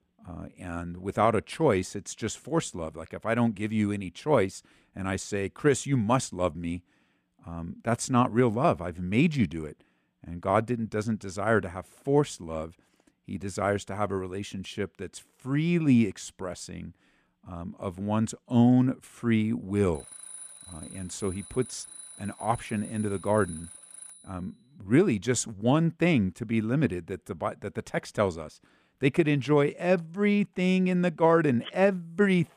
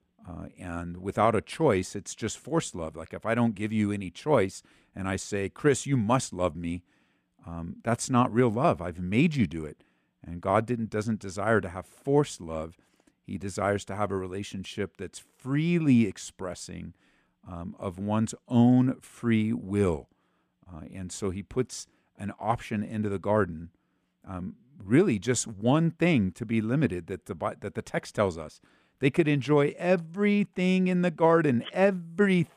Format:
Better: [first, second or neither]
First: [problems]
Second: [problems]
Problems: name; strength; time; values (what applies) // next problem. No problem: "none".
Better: second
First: alarm; faint; from 20 to 24 s; peak 15 dB below the speech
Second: none